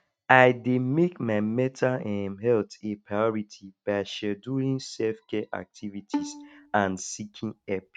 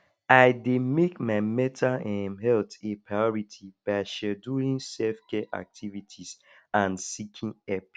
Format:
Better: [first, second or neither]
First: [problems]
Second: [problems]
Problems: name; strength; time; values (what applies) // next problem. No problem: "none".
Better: second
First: noise reduction (neural mask model RNNoise)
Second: none